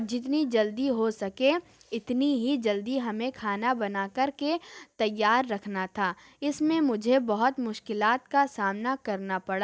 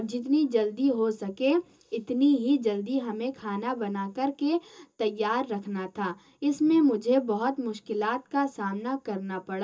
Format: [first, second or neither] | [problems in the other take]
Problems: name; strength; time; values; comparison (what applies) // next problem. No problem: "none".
first | room echo; dies away in 0.2 s